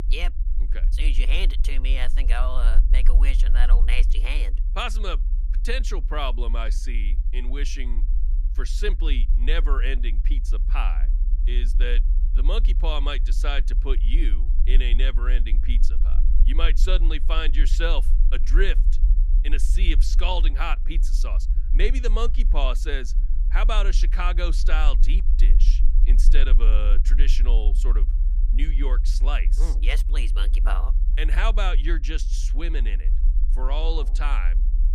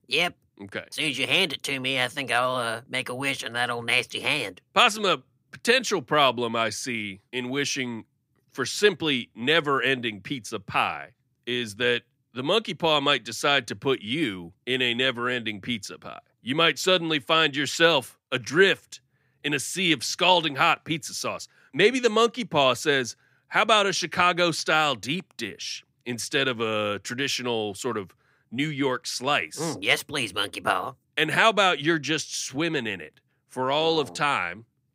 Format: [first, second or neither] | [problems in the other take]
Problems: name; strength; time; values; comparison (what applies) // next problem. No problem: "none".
second | low rumble; noticeable; throughout; 15 dB below the speech